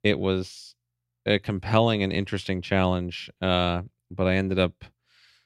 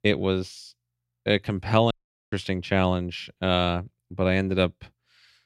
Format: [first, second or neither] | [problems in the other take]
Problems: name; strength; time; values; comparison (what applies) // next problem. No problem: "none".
first | audio cutting out; at 2 s